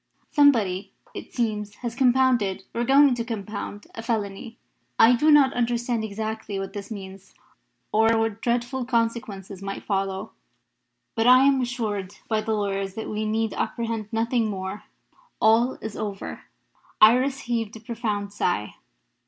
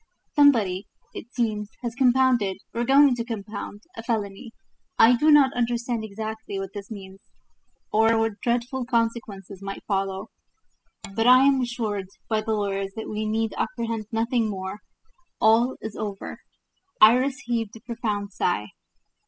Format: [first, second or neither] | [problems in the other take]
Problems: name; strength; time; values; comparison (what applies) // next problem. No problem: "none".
first | noise reduction (classical method spectral subtraction)